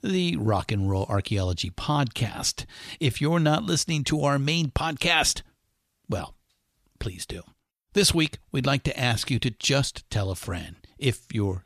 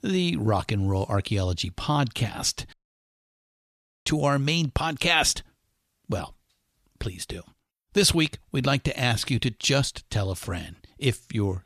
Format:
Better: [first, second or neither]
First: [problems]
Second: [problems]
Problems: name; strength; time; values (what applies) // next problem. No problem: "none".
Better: first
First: none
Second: audio cutting out; at 2.5 s for 1.5 s